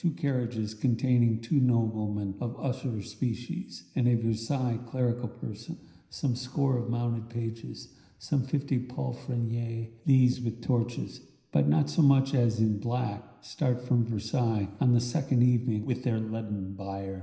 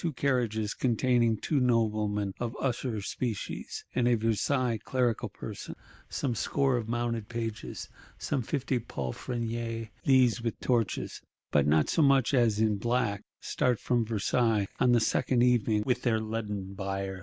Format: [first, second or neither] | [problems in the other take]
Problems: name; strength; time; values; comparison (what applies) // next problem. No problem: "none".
second | room echo; dies away in 0.9 s